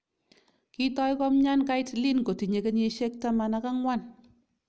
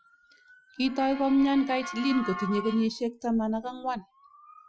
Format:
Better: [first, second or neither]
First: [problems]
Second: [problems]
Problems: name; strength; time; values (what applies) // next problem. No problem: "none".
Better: first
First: none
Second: noise reduction (classical method Wiener filter)